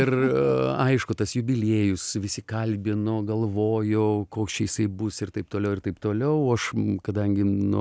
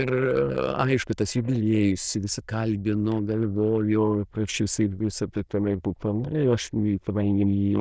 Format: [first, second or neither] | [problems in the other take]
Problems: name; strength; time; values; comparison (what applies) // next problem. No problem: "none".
first | noise reduction (neural diffusion model UNIVERSE++)